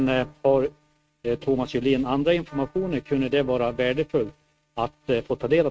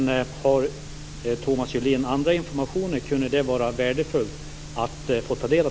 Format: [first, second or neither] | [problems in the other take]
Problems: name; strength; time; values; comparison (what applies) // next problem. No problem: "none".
second | noise reduction (neural mask model RNNoise)